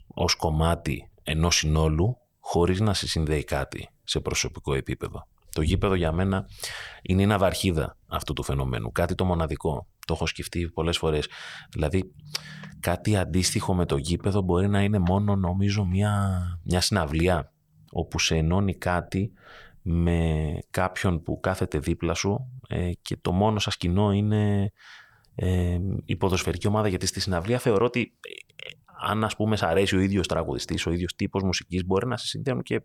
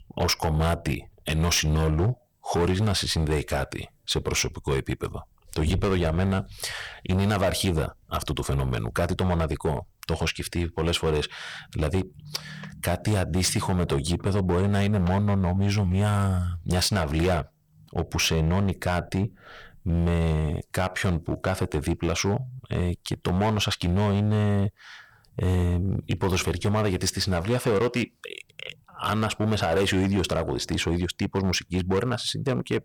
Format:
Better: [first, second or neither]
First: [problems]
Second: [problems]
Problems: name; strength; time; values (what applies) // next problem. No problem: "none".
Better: first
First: none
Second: distortion; slight; 11% of the sound clipped